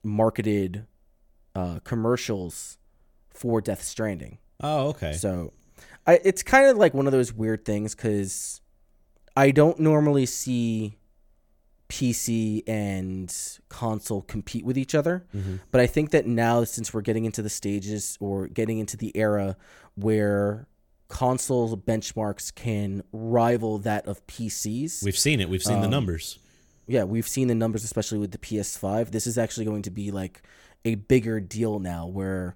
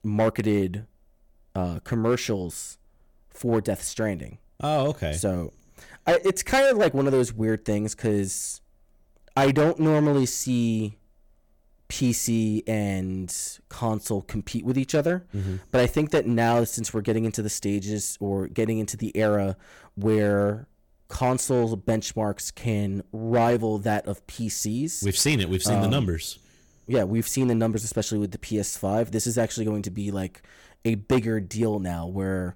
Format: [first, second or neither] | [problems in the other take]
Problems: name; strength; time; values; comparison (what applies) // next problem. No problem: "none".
first | distortion; slight; 4% of the sound clipped